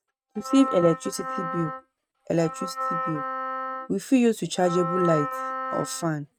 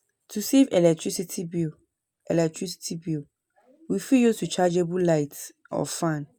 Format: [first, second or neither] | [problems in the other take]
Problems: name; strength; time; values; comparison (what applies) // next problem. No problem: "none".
second | noise reduction (neural mask model RNNoise)